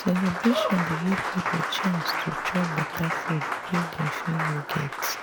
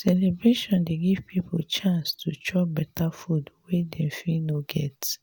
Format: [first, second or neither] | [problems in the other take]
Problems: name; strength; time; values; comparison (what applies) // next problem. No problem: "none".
second | background sound (Applause); 2 dB below the speech